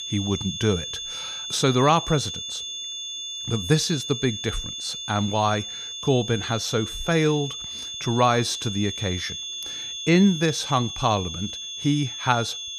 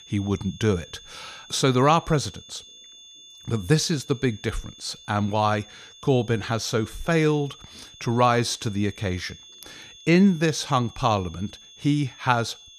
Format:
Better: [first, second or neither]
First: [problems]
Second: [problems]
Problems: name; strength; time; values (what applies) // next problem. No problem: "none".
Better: second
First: high-pitched whine; loud; throughout; 3.5 kHz, 7 dB below the speech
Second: high-pitched whine; faint; throughout; 3.5 kHz, 20 dB below the speech